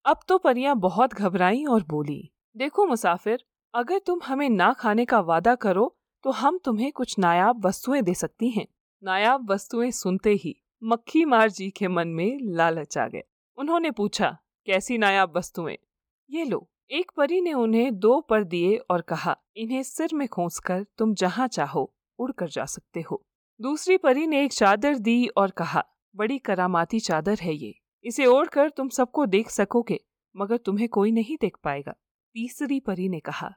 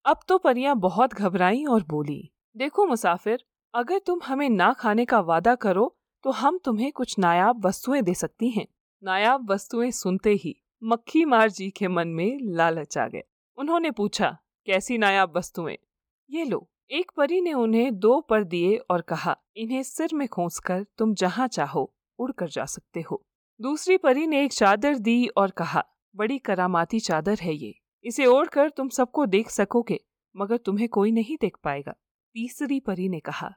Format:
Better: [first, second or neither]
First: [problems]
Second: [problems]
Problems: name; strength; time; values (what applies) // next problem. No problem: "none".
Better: neither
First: none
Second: none